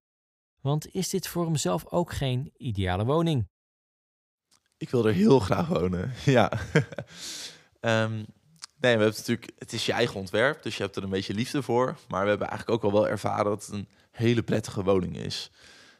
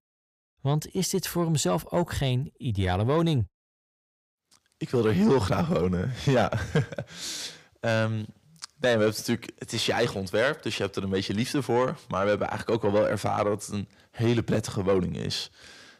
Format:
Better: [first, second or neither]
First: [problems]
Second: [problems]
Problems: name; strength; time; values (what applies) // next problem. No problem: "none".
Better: first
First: none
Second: distortion; slight; 10 dB below the speech